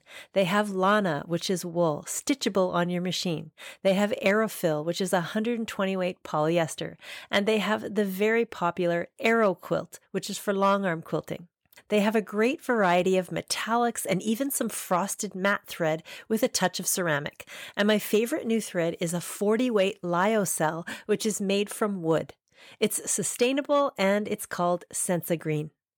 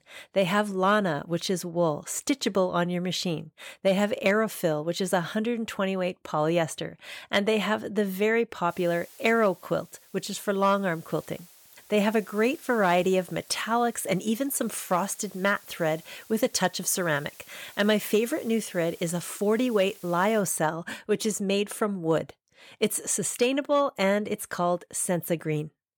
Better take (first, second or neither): first